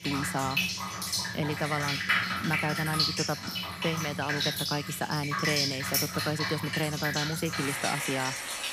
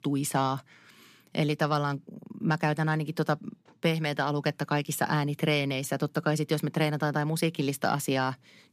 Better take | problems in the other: second | rain or running water; very loud; throughout; 3 dB above the speech

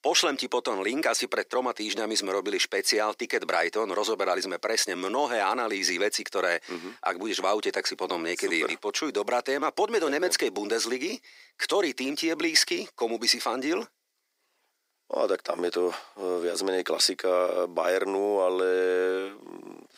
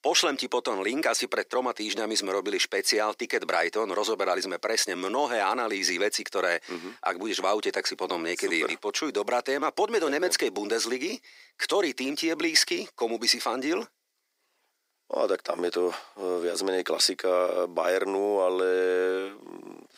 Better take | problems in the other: neither | thin; somewhat; fading below 350 Hz; the same in both

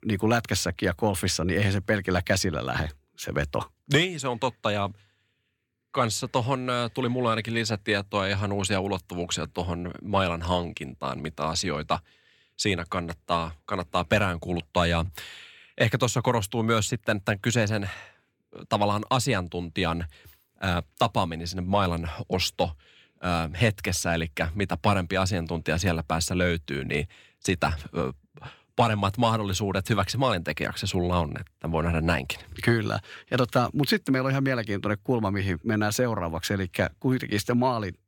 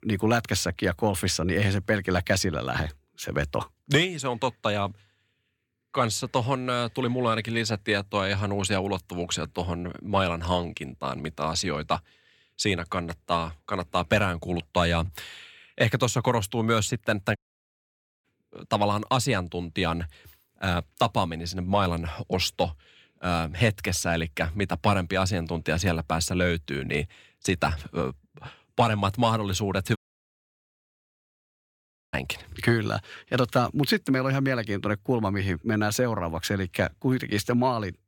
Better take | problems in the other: first | audio cutting out; at 17 s for 1 s and at 30 s for 2 s

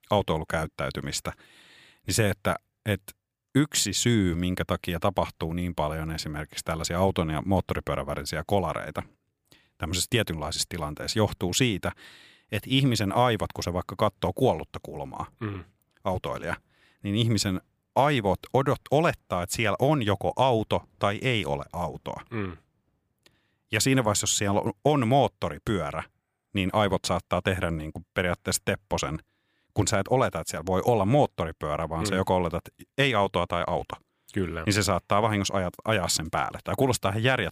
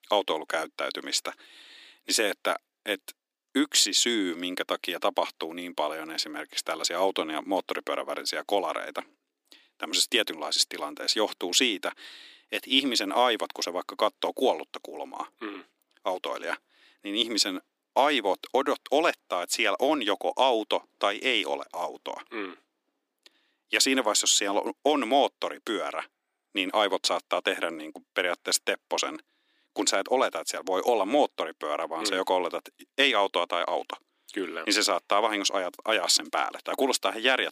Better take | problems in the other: first | thin; somewhat; fading below 300 Hz

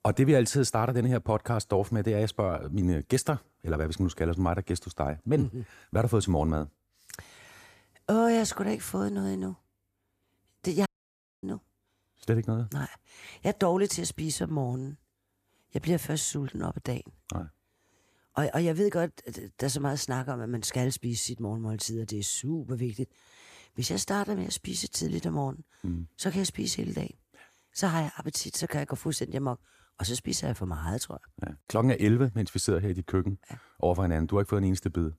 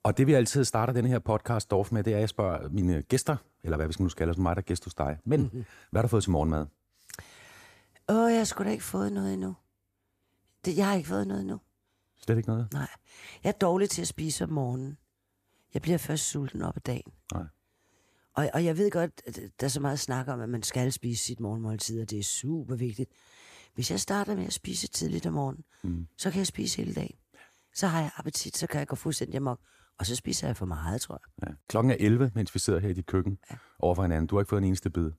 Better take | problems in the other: second | audio cutting out; at 11 s for 0.5 s

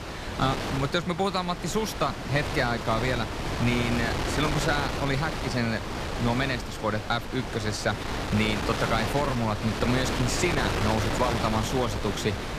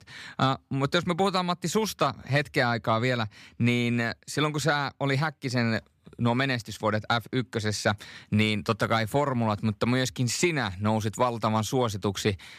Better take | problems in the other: second | wind noise on the microphone; heavy; 3 dB below the speech

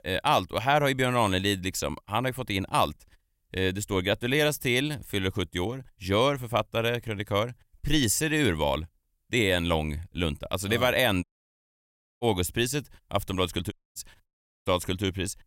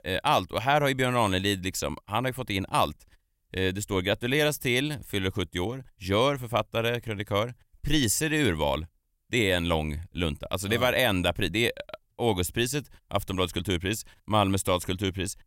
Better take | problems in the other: second | audio cutting out; at 11 s for 1 s and at 14 s

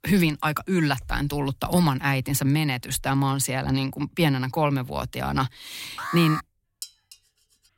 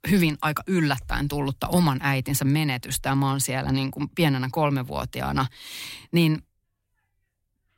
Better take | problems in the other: second | alarm; noticeable; at 6 s; peak 5 dB below the speech // clattering dishes; faint; at 7 s; peak 15 dB below the speech

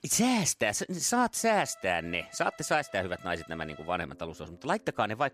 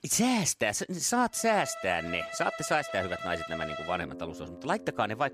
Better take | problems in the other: first | background music; loud; from 1.5 s on; 10 dB below the speech; faint in the first

